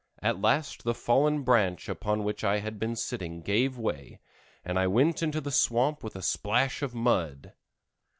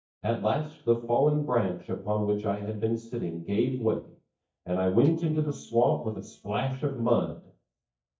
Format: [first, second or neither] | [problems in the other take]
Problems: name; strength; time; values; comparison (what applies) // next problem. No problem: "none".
first | noise reduction (neural mask model DeepFilterNet 3)